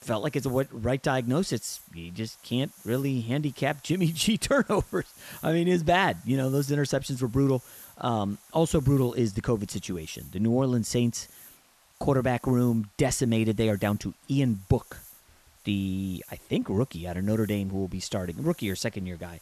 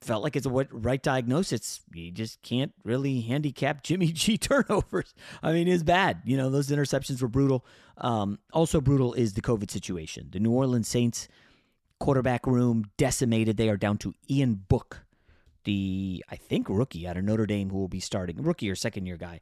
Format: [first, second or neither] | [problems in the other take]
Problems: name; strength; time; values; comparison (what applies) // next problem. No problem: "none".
second | hiss; faint; throughout; 25 dB below the speech